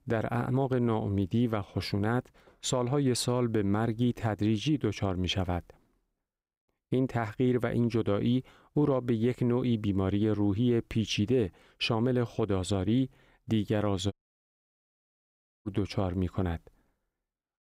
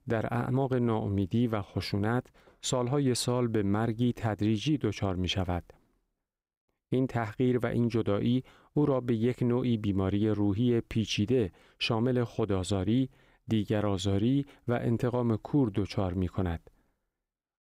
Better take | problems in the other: second | audio cutting out; at 14 s for 1.5 s

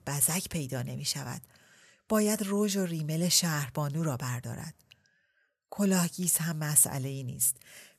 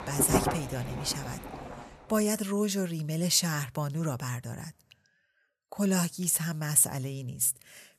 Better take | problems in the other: first | rain or running water; loud; until 2 s; 5 dB below the speech

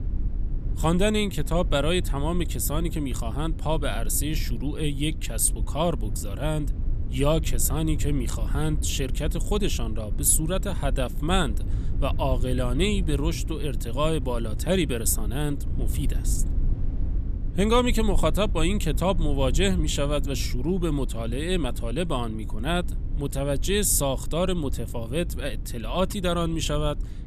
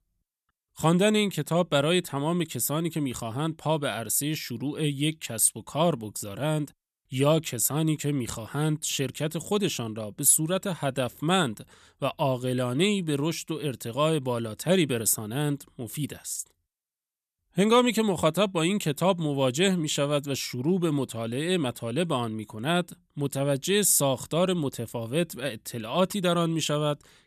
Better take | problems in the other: second | low rumble; noticeable; throughout; 20 dB below the speech

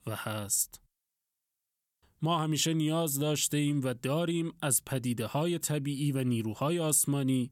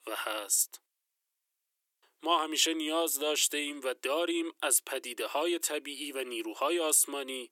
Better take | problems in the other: first | thin; very; fading below 350 Hz

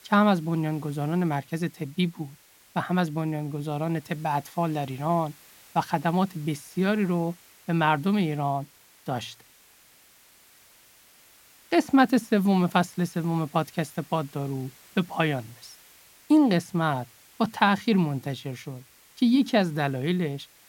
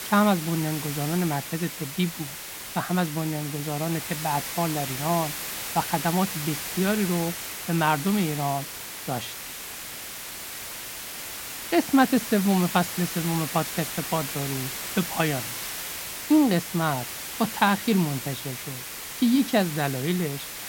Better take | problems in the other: first | hiss; loud; throughout; 6 dB below the speech; faint in the first

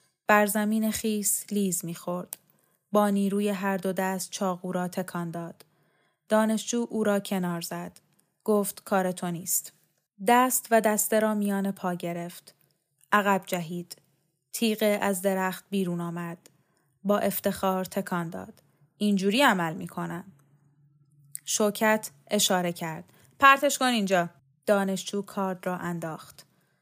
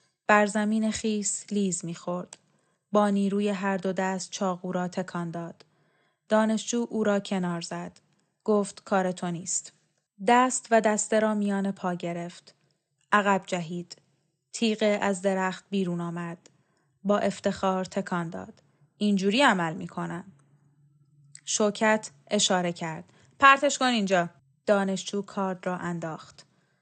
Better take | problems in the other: first | garbled, watery; slightly; nothing above 8.5 kHz

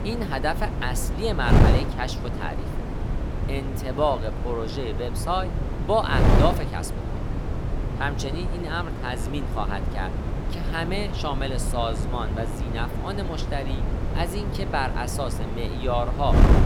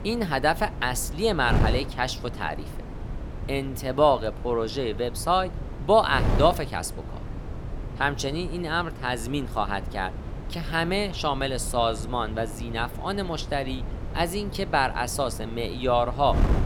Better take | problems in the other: second | wind noise on the microphone; heavy; 5 dB below the speech; occasional gusts in the second

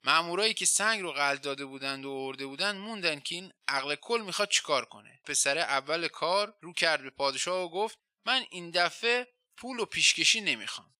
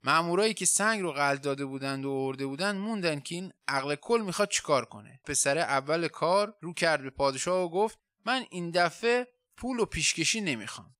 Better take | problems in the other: second | thin; very slightly; fading below 400 Hz

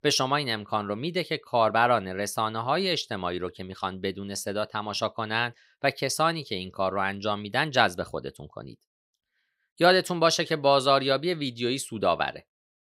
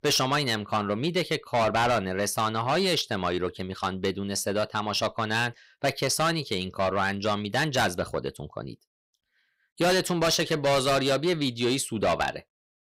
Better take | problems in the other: first | distortion; heavy; 6 dB below the speech

